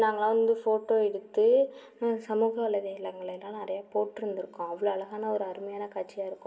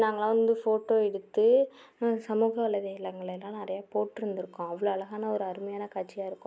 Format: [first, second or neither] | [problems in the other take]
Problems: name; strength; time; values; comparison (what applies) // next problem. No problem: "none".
second | room echo; dies away in 1.3 s